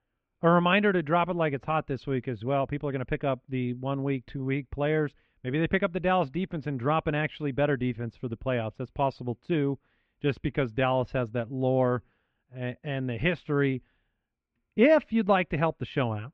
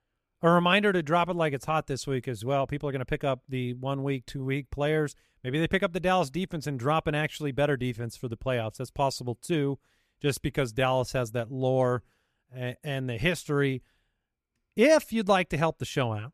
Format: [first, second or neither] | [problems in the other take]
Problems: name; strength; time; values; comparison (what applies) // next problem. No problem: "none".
second | muffled; very; fading above 3 kHz